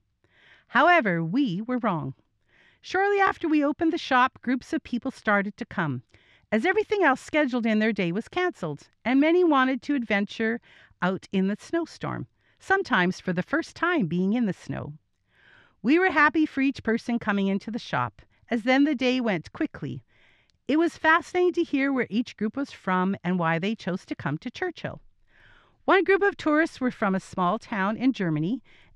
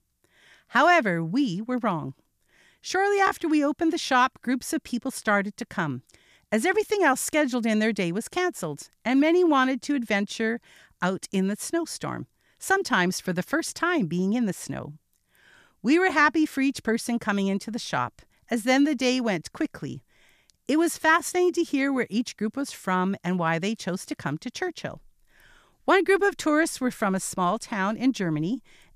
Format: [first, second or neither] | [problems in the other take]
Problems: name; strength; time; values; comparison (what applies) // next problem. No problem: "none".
second | muffled; slightly; fading above 3 kHz